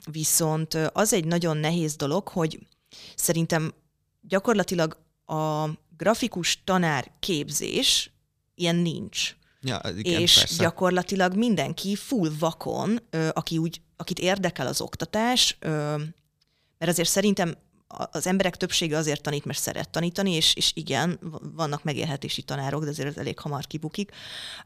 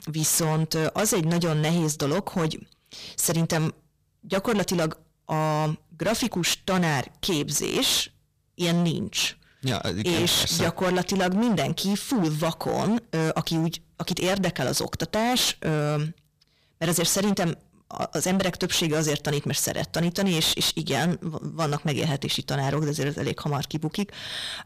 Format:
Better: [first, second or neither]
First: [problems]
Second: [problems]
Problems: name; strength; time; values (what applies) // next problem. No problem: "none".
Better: first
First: none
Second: distortion; heavy; 18% of the sound clipped